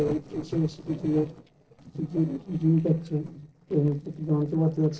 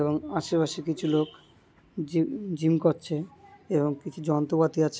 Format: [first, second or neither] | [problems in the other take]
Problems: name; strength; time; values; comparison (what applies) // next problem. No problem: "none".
second | noise reduction (neural separator model SepFormer DNS4)